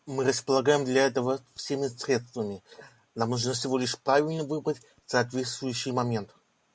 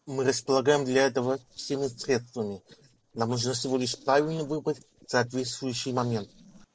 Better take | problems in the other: first | noise reduction (neural separator model SepFormer DNS4)

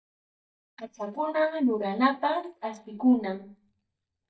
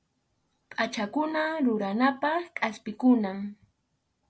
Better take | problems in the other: second | noise reduction (neural mask model DeepFilterNet 3)

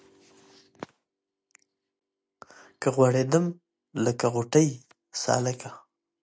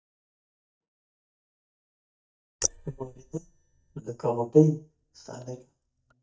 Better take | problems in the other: first | noise reduction (neural mask model DeepFilterNet 3)

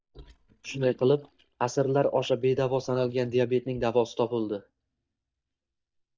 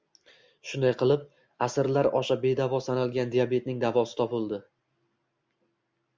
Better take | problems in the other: second | noise reduction (neural mask model DeepFilterNet 3)

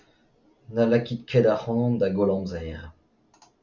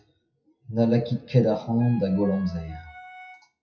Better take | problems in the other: first | noise reduction (classical method WPE with log-MMSE)

